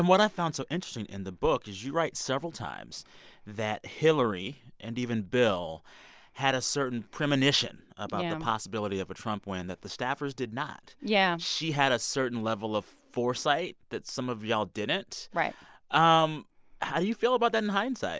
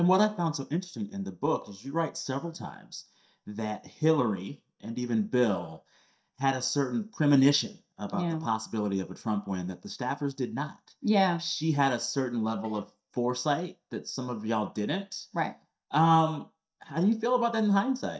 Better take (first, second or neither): first